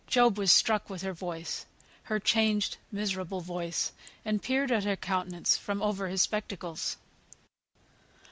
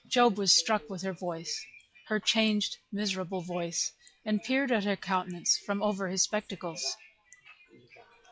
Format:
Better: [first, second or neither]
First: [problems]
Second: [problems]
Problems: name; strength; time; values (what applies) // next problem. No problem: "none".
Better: first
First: none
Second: noise reduction (classical method log-MMSE)